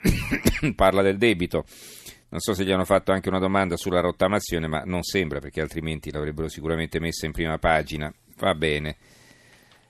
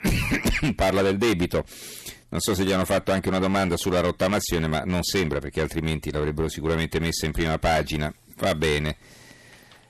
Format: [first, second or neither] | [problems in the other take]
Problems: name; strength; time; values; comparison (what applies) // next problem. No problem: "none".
first | distortion; heavy; 12% of the sound clipped